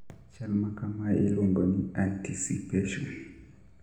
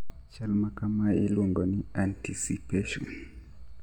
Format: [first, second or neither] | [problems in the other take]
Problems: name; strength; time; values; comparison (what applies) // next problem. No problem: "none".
second | room echo; dies away in 0.8 s